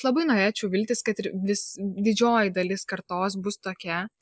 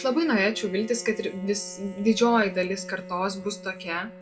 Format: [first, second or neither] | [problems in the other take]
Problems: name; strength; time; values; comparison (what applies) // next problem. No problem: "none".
first | background sound (Bowed string instrument); 16 dB below the speech // room echo; dies away in 0.5 s